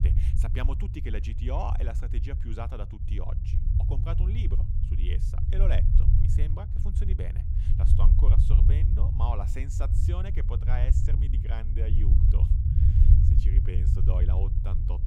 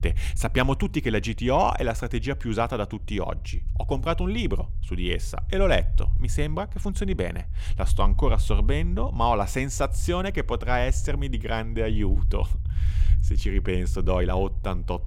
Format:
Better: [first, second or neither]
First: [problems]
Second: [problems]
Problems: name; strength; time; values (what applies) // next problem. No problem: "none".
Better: second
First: low rumble; loud; throughout; 2 dB below the speech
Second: low rumble; faint; throughout; 20 dB below the speech